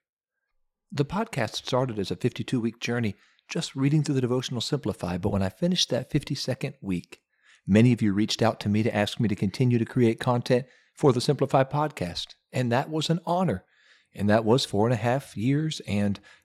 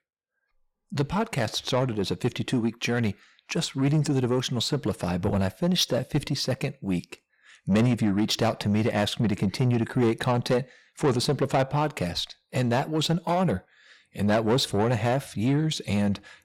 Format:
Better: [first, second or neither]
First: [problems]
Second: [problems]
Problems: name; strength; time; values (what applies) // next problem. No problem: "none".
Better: first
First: none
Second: distortion; slight; 10 dB below the speech